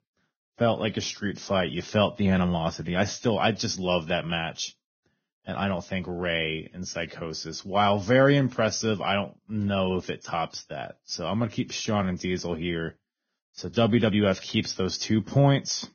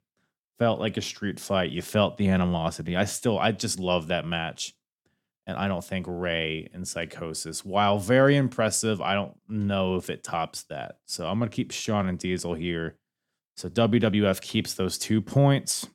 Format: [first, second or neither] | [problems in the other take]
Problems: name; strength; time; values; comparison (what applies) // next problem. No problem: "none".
second | garbled, watery; badly; nothing above 6.5 kHz